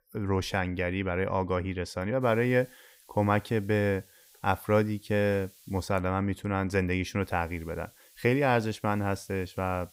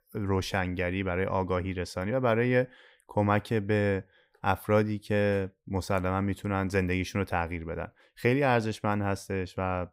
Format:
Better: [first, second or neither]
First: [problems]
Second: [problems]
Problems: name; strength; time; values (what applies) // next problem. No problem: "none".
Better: second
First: hiss; faint; from 2 to 6 s and from 7 s on; 25 dB below the speech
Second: none